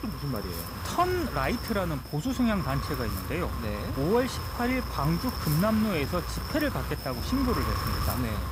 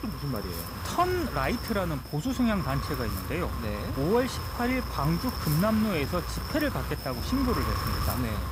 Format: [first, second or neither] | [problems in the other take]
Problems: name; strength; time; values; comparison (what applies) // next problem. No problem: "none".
neither | wind noise on the microphone; heavy; 5 dB below the speech; the same in both